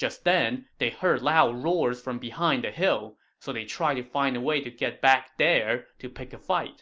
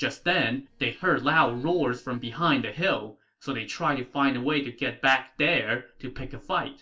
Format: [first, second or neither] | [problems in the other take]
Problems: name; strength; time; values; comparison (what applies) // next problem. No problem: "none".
first | noise reduction (neural separator model SepFormer DNS4)